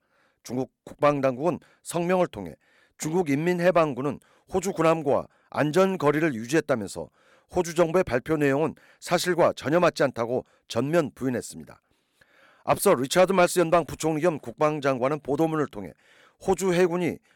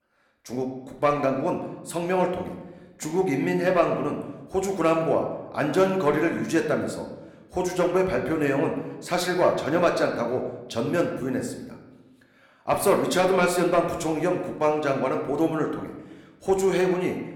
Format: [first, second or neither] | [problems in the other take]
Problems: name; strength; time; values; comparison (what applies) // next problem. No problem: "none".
first | room echo; slight; dies away in 0.8 s